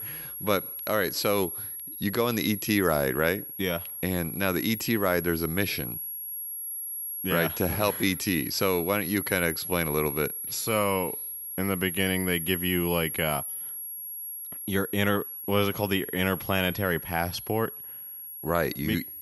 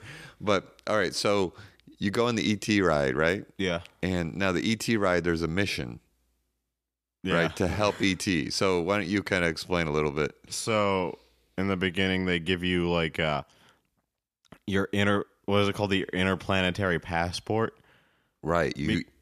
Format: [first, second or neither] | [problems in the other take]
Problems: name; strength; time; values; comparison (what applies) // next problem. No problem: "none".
second | high-pitched whine; loud; throughout; 11.5 kHz, 6 dB below the speech